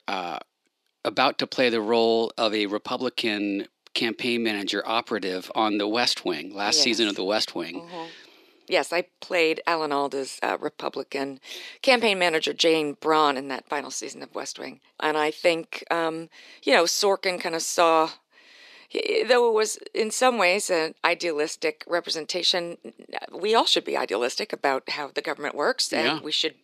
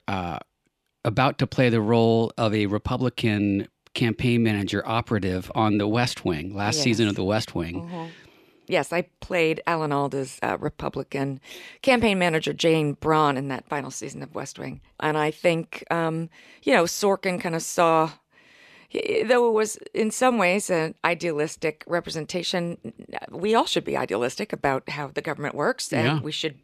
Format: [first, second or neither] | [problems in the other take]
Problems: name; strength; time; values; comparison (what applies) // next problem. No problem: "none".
second | thin; somewhat; fading below 300 Hz